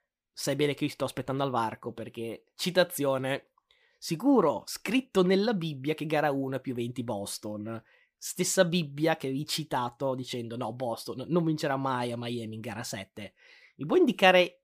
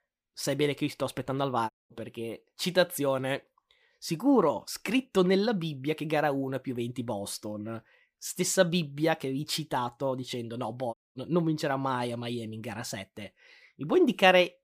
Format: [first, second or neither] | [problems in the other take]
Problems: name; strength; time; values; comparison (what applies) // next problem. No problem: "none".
first | audio cutting out; at 1.5 s and at 11 s